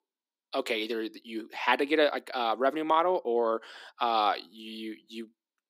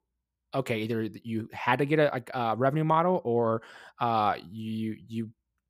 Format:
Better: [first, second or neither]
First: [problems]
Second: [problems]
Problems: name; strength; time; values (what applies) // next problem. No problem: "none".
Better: second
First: thin; somewhat; fading below 250 Hz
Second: none